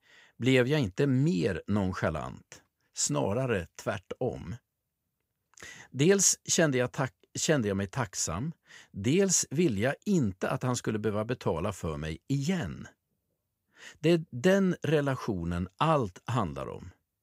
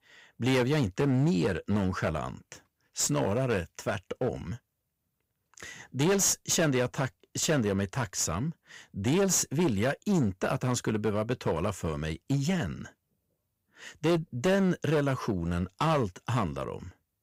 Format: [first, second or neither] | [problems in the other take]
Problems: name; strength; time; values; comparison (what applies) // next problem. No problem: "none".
first | distortion; slight; 10% of the sound clipped